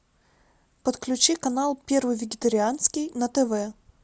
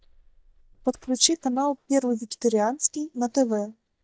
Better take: first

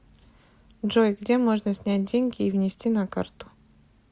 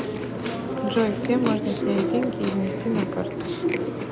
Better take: first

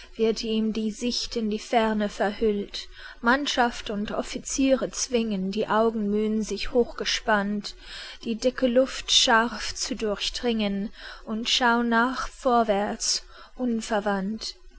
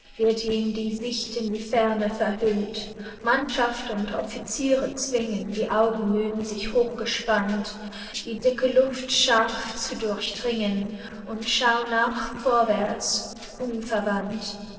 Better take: first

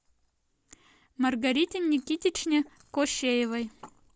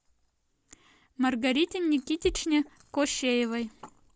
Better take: first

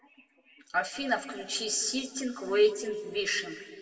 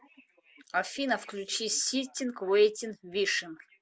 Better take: second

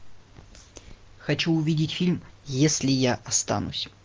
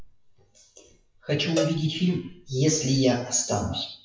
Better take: first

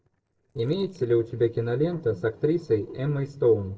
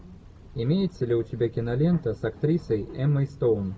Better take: second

